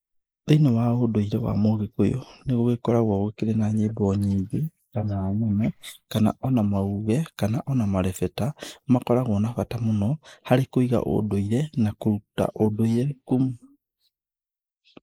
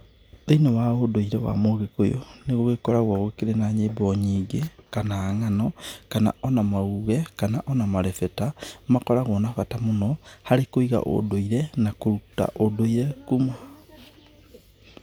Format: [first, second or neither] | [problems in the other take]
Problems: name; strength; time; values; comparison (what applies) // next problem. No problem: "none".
second | noise reduction (neural mask model Resemble Enhance denoiser)